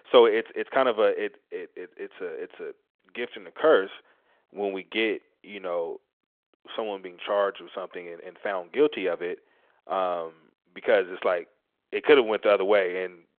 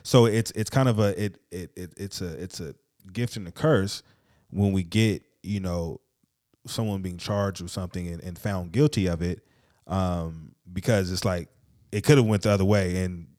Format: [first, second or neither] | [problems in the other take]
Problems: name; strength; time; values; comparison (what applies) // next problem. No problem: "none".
second | phone-call audio